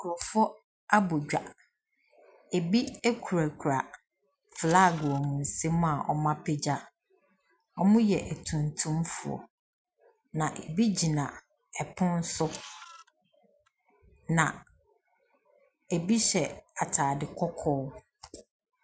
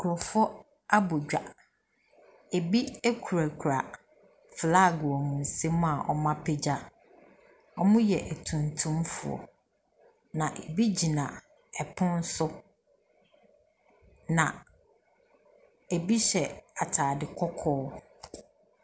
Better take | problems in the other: second | noise reduction (classical method Wiener filter)

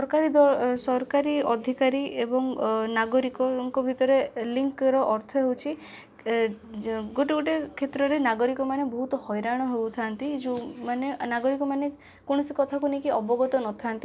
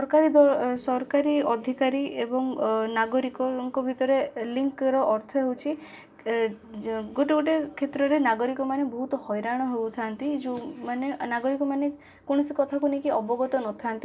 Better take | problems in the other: first | room echo; dies away in 0.2 s

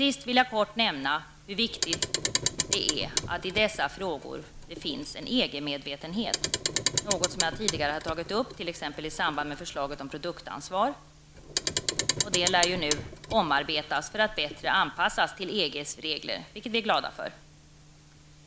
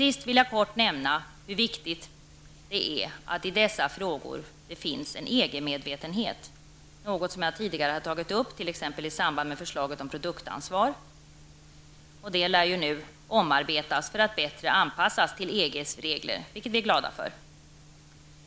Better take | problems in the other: second | background sound (Clock); 3 dB below the speech

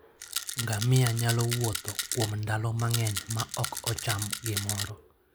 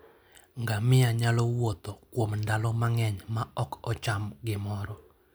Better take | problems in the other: second | background sound (Rattle); 5 dB below the speech

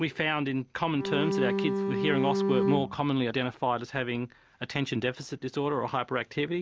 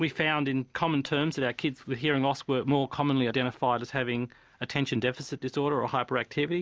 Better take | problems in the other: second | background sound (Bowed string instrument); 1 dB above the speech

